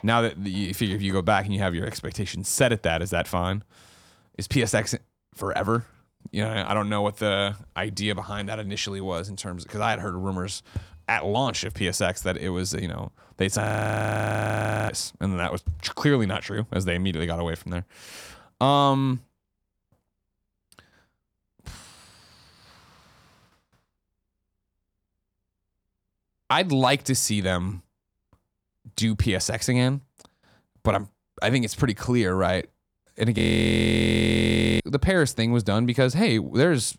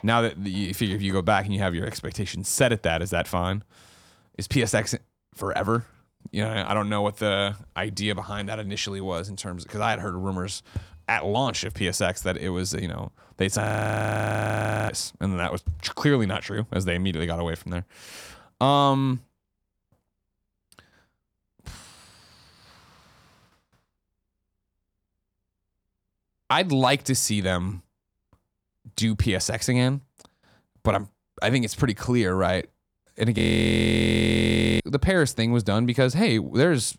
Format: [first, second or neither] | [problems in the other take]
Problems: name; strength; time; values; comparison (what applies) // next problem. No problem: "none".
neither | audio freezing; at 14 s for 1.5 s and at 33 s for 1.5 s; the same in both